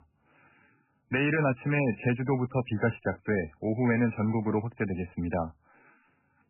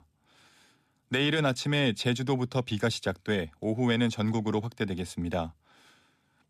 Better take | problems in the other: second | garbled, watery; badly; nothing above 2.5 kHz

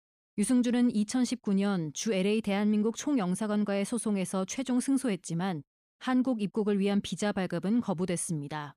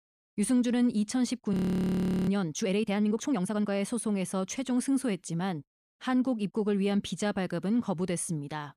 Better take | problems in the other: first | audio freezing; at 1.5 s for 0.5 s

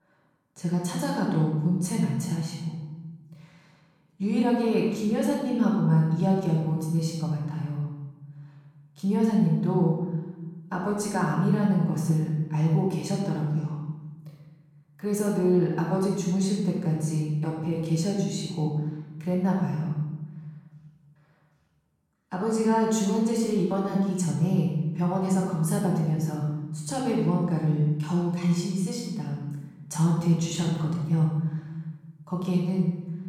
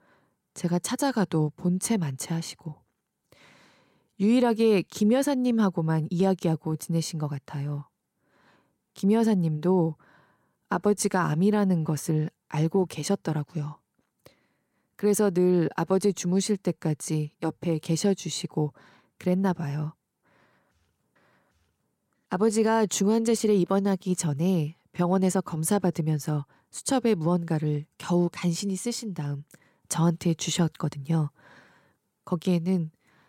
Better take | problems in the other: second | room echo; noticeable; dies away in 1.2 s // off-mic speech; far

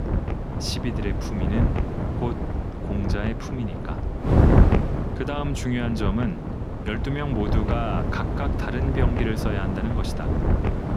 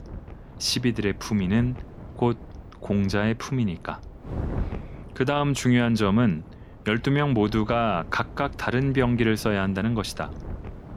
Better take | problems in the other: second | wind noise on the microphone; heavy; as loud as the speech; occasional gusts in the second

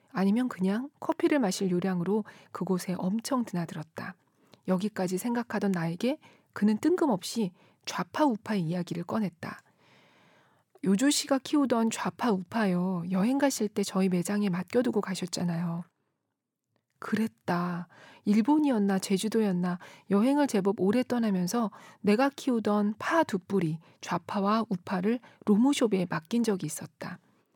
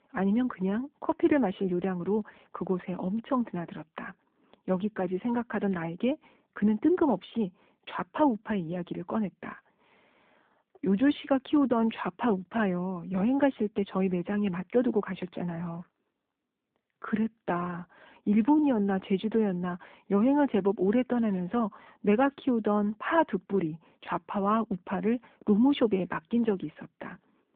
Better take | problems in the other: first | phone-call audio; nothing above 3.5 kHz

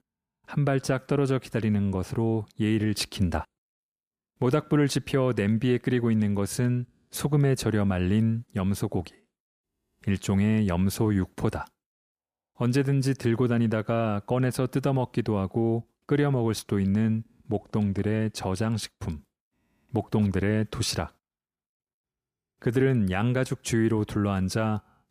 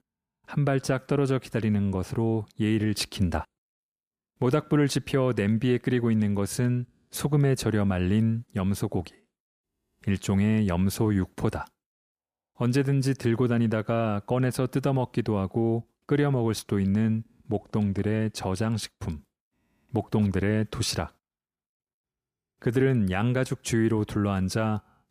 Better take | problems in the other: neither | none

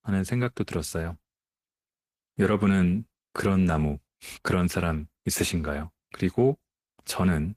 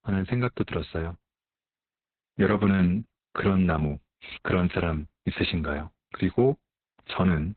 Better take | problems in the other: first | garbled, watery; badly; nothing above 4 kHz; slightly in the first

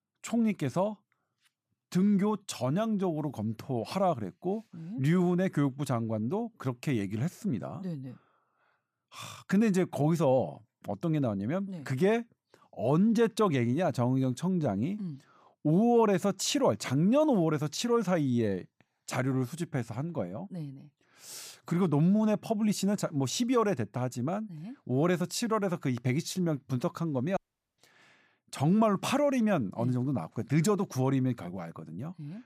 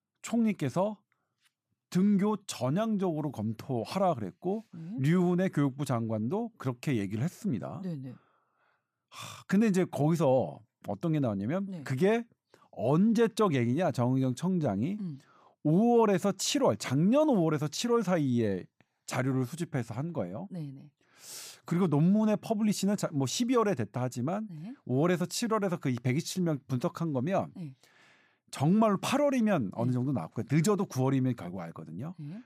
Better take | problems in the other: second | audio cutting out; at 27 s

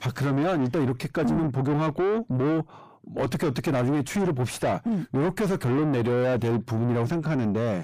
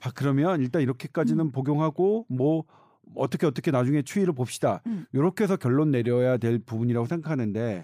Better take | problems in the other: second | distortion; heavy; 6 dB below the speech

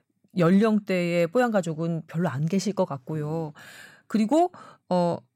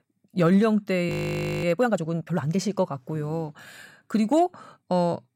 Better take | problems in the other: first | audio freezing; at 1 s for 0.5 s

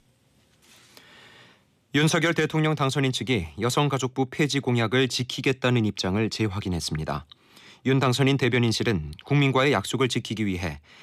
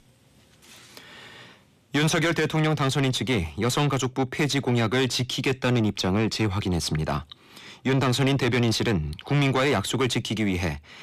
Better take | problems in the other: first | distortion; slight; 10 dB below the speech

